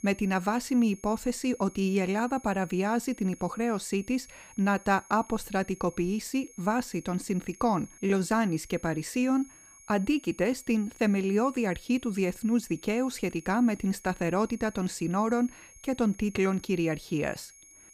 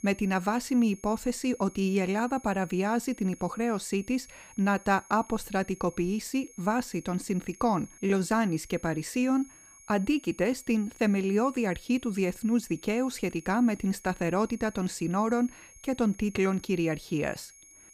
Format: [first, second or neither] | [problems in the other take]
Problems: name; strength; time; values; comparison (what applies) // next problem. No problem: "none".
neither | high-pitched whine; faint; throughout; 6.5 kHz, 25 dB below the speech; the same in both